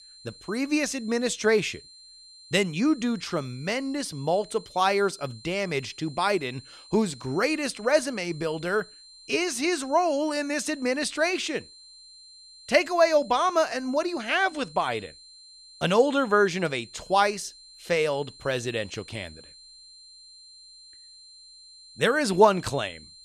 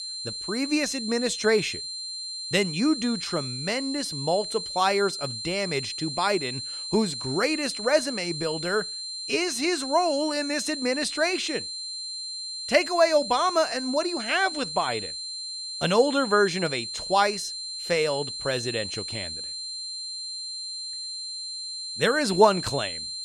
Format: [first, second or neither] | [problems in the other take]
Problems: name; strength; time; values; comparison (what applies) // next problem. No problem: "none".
first | high-pitched whine; loud; throughout; 4 kHz, 6 dB below the speech; faint in the first